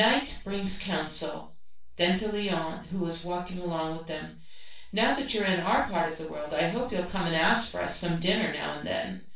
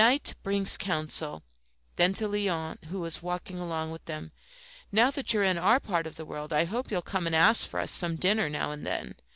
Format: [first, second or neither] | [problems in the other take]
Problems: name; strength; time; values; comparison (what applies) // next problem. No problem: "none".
second | room echo; dies away in 0.3 s